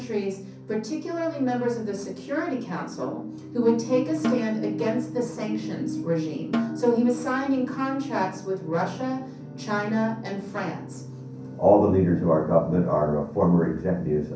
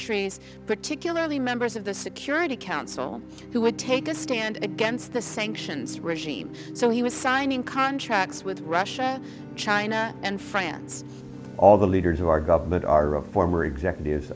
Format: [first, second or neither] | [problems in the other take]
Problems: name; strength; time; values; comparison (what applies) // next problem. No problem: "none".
second | background sound (Snare drum); 9 dB below the speech // room echo; dies away in 0.6 s